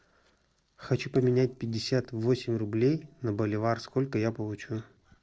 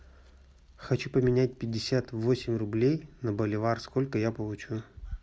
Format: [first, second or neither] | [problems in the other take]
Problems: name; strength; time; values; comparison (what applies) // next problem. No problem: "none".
second | noise reduction (neural separator model SepFormer DNS4)